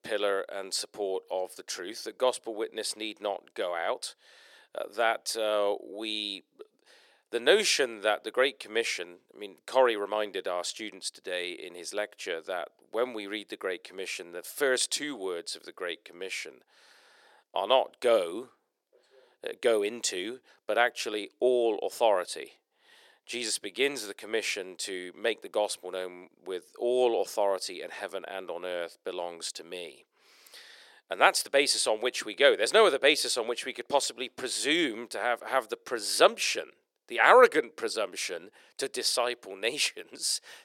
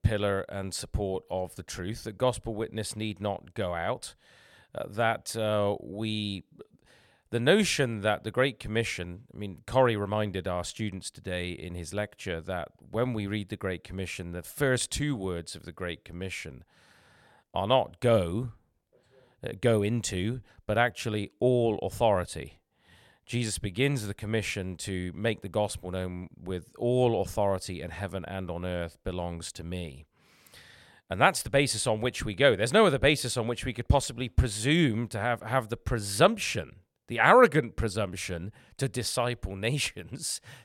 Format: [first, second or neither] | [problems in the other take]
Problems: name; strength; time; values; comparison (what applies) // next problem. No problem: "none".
second | thin; very; fading below 350 Hz